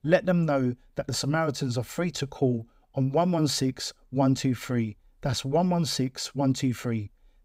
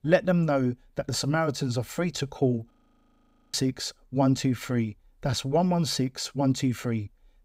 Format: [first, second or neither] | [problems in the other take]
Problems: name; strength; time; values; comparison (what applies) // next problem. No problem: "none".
first | audio freezing; at 2.5 s for 1 s